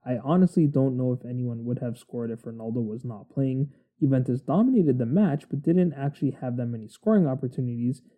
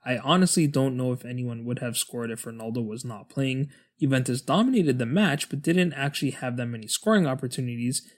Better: second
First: muffled; very; fading above 1.5 kHz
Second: none

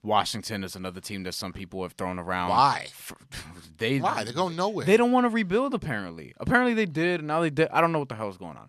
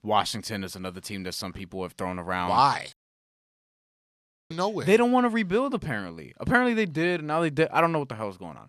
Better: first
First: none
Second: audio cutting out; at 3 s for 1.5 s

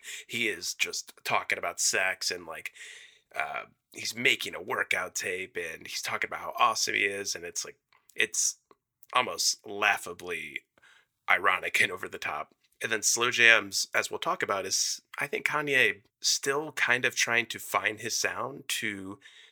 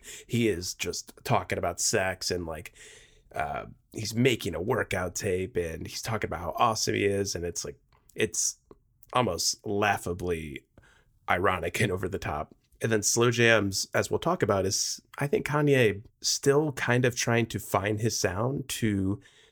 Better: second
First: thin; somewhat; fading below 1 kHz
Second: none

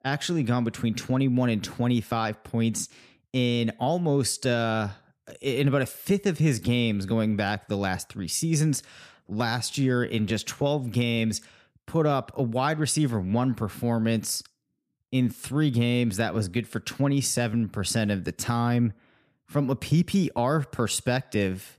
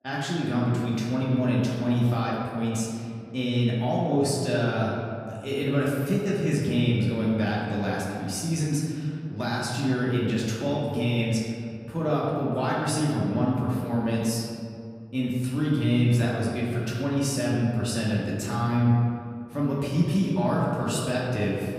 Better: first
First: none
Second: room echo; noticeable; dies away in 2.1 s // off-mic speech; far

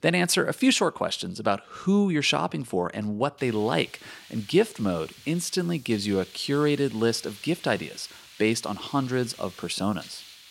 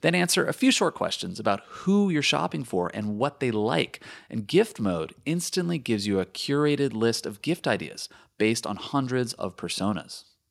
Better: second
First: hiss; noticeable; from 3.5 s on; 20 dB below the speech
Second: none

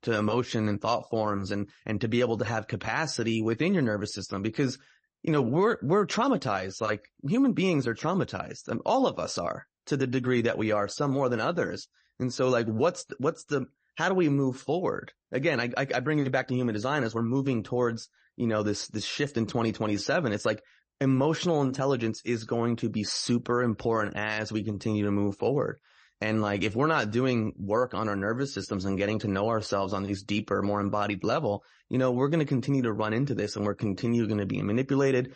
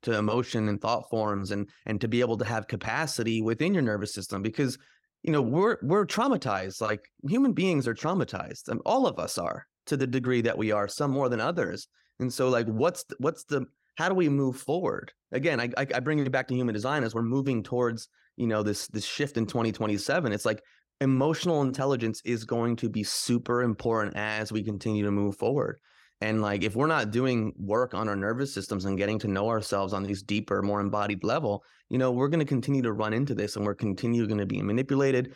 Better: second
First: garbled, watery; slightly; nothing above 8 kHz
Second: none

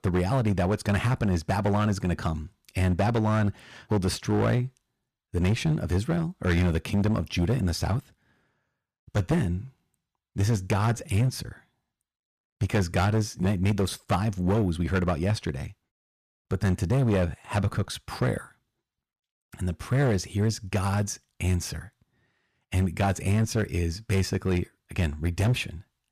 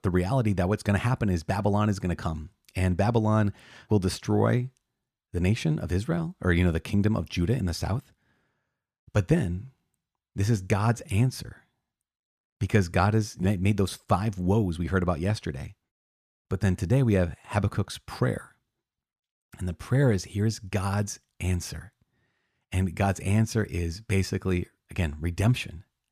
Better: second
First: distortion; slight; 8% of the sound clipped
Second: none

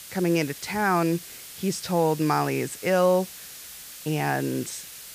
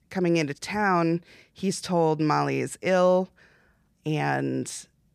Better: second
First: hiss; noticeable; throughout; 15 dB below the speech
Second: none

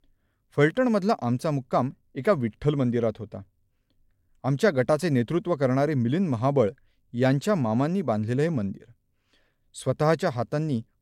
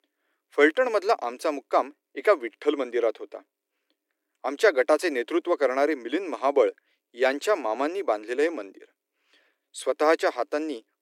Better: first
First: none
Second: thin; very; fading below 300 Hz

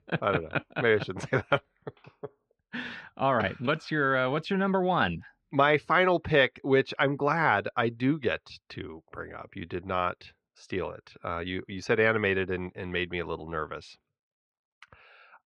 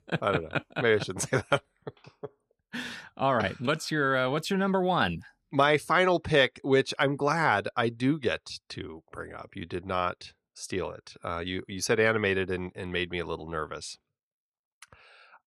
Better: second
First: muffled; slightly; fading above 2.5 kHz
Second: none

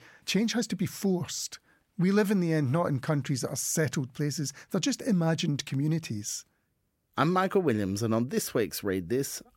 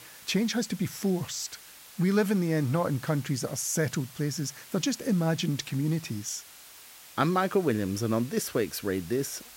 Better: first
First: none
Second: hiss; noticeable; throughout; 20 dB below the speech

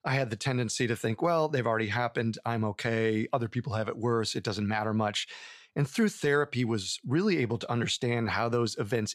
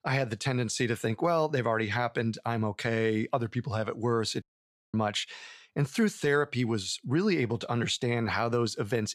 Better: first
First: none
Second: audio cutting out; at 4.5 s for 0.5 s

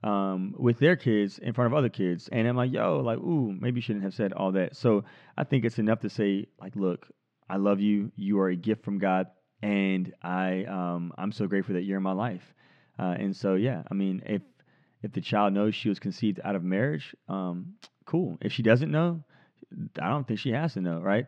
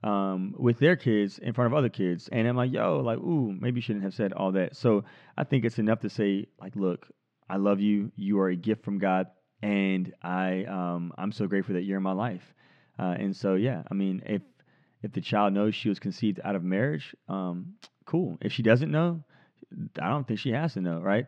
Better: neither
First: muffled; slightly; fading above 2.5 kHz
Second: muffled; slightly; fading above 2.5 kHz

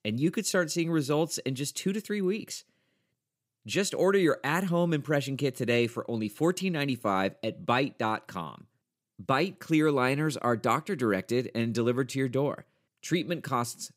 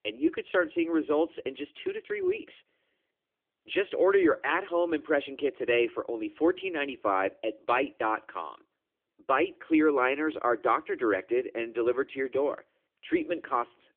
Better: first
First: none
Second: phone-call audio

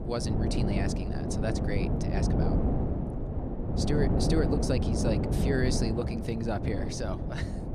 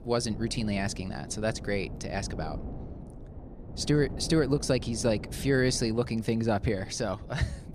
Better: second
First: wind noise on the microphone; heavy; 1 dB below the speech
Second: wind noise on the microphone; occasional gusts; 15 dB below the speech

